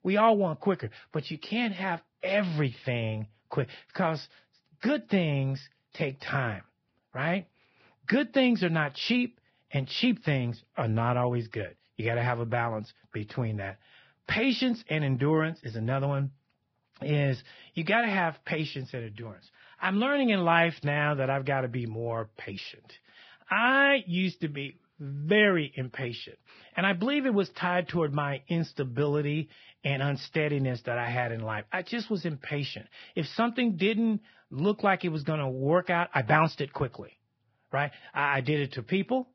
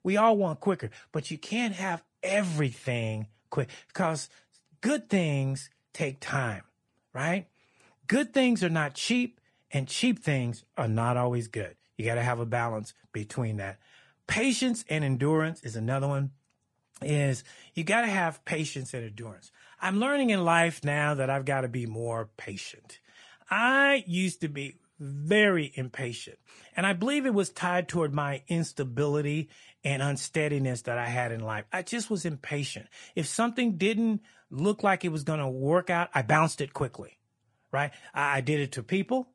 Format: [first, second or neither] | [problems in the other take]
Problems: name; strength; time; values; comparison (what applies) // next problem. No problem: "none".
second | garbled, watery; badly; nothing above 5.5 kHz; slightly in the second